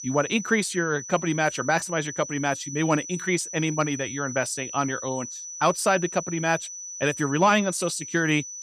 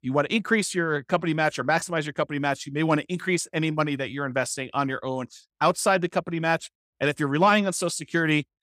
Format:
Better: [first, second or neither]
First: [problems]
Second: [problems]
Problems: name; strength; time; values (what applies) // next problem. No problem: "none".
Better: second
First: high-pitched whine; loud; throughout; 6 kHz, 9 dB below the speech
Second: none